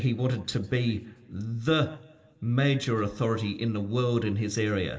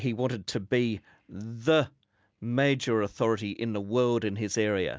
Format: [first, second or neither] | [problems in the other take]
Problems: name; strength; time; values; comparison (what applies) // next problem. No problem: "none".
second | room echo; dies away in 1.4 s